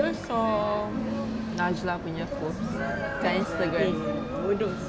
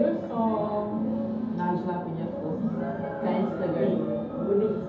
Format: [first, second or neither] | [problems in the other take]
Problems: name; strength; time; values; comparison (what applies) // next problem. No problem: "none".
first | room echo; dies away in 0.8 s